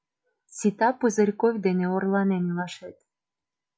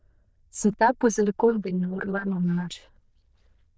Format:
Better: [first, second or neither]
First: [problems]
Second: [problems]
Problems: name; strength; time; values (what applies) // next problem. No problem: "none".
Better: first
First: none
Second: noise reduction (neural diffusion model UNIVERSE++)